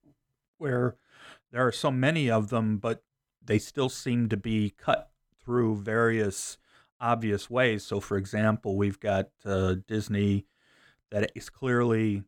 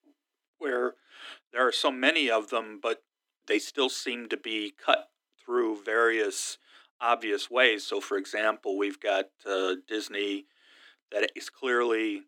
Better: first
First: none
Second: thin; somewhat; fading below 250 Hz

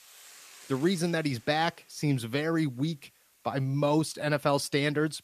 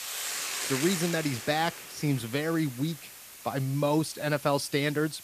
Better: first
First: hiss; faint; throughout; 25 dB below the speech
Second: hiss; loud; throughout; 7 dB below the speech

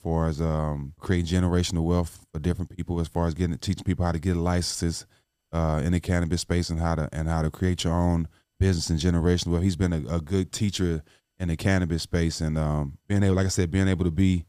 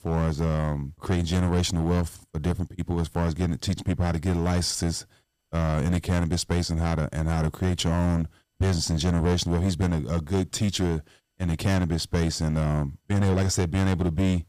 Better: first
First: none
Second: distortion; slight; 8% of the sound clipped

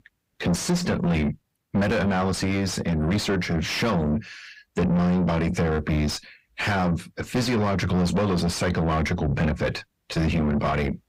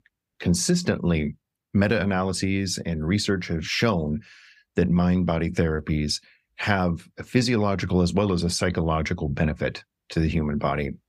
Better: second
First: distortion; heavy; 6 dB below the speech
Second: none

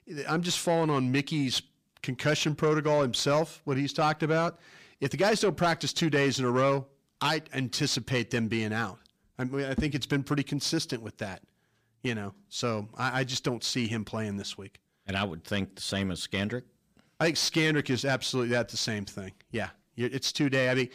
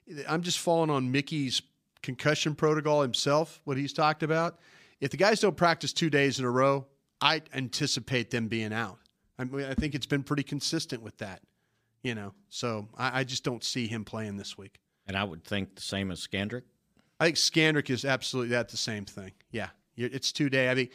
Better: second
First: distortion; slight; 10 dB below the speech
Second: none

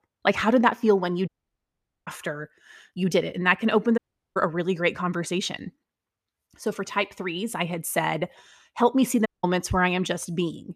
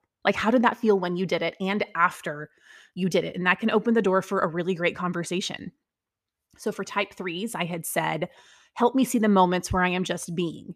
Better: second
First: audio cutting out; at 1.5 s for 1 s, at 4 s and at 9.5 s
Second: none

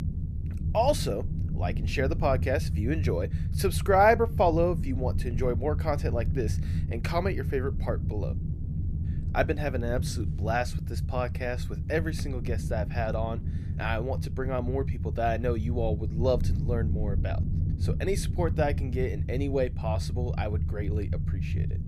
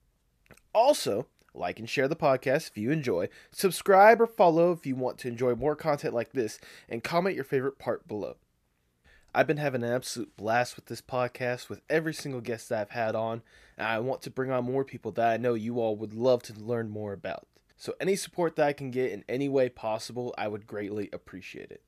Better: second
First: low rumble; noticeable; throughout; 15 dB below the speech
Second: none

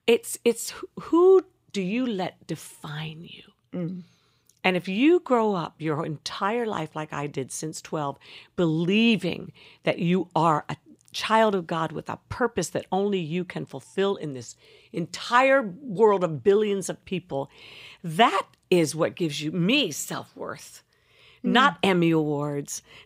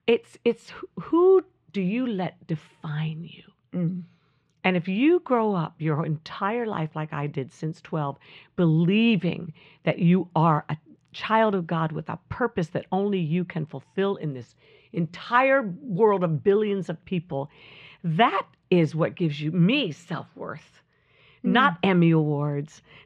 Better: first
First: none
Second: muffled; slightly; fading above 2.5 kHz

